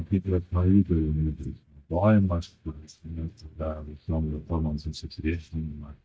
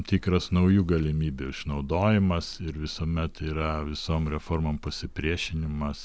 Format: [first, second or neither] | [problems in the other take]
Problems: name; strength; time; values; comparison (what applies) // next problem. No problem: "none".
second | noise reduction (neural mask model DeepFilterNet 3)